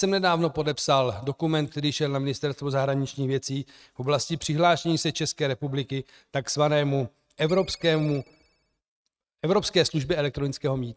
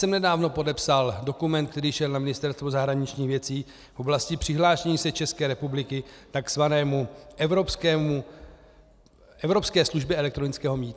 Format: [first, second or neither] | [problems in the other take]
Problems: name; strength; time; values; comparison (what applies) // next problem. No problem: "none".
second | noise reduction (neural mask model RNNoise)